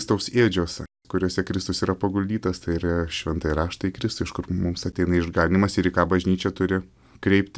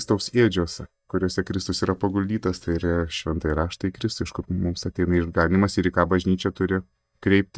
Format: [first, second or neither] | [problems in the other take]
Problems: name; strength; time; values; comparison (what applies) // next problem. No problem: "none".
first | noise reduction (neural mask model DeepFilterNet 3)